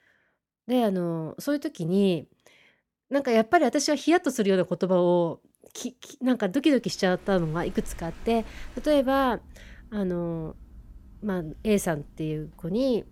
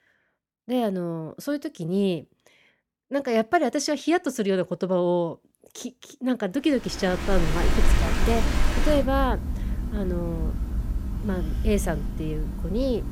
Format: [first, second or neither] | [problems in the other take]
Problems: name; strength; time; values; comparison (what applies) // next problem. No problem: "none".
first | rain or running water; loud; from 7 s on; 2 dB below the speech; faint in the first